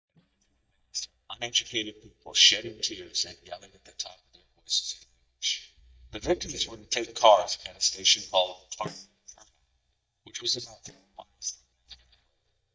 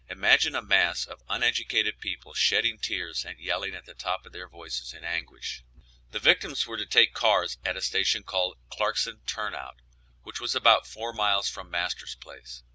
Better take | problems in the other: second | noise reduction (neural mask model DeepFilterNet 3)

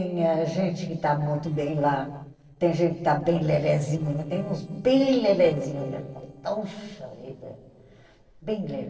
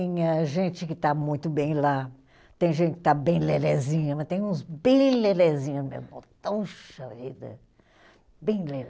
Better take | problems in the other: second | noise reduction (neural separator model SepFormer DNS4)

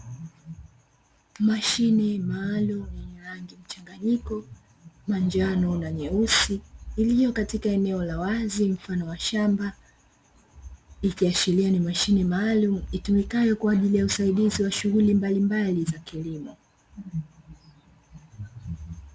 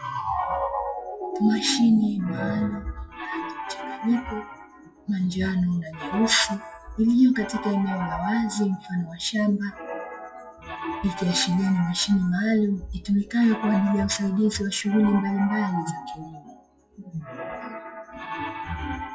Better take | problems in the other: first | noise reduction (classical method WPE with log-MMSE)

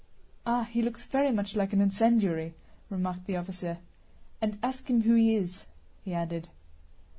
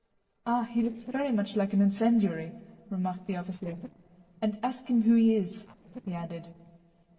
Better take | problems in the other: first | noise reduction (neural separator model SepFormer DNS4)

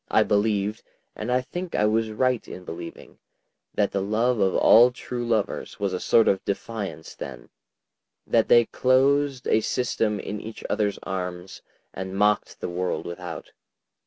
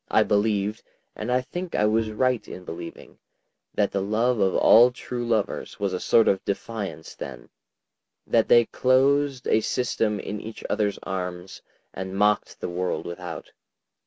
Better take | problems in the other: first | background sound (Bowed string instrument); 16 dB below the speech

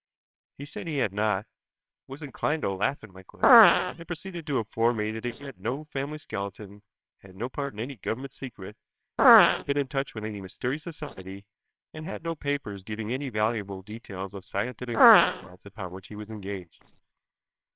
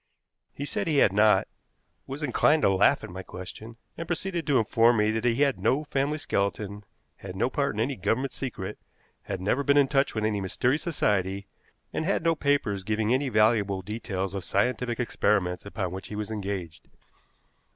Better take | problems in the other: second | noise reduction (neural separator model SepFormer WHAMR!)

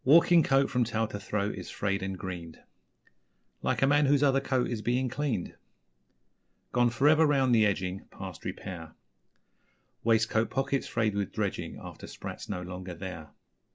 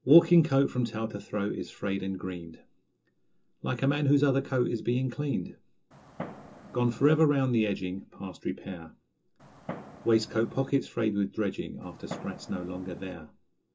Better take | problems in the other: first | background sound (Fireworks); 15 dB below the speech // room echo; dies away in 0.2 s

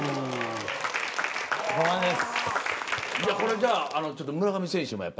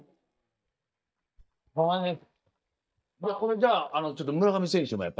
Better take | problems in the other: first | noise reduction (neural mask model DeepFilterNet 3)

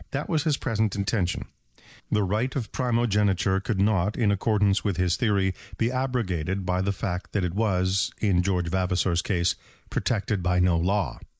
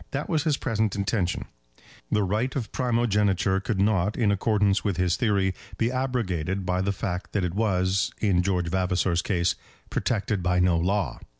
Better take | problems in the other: second | noise reduction (neural mask model Resemble Enhance denoiser)

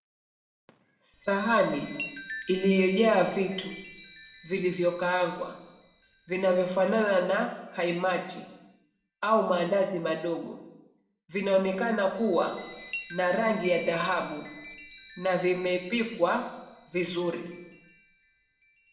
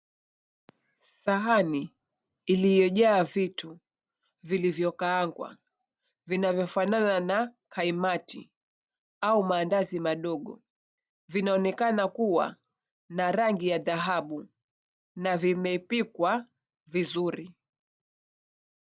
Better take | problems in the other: second | background sound (Chime); 18 dB below the speech // room echo; dies away in 0.8 s

